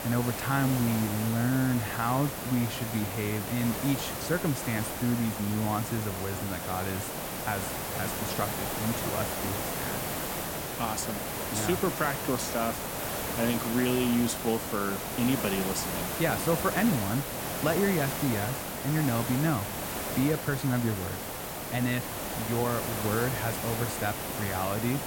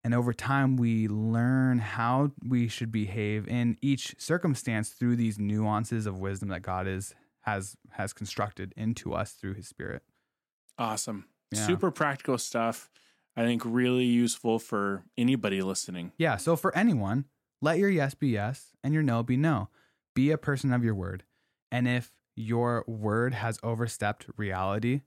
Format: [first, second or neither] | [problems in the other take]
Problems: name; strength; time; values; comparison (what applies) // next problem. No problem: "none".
second | hiss; loud; throughout; 2 dB below the speech